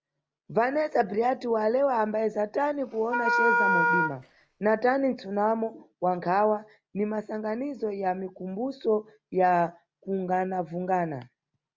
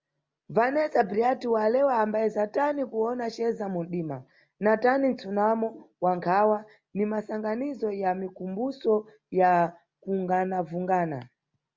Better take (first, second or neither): second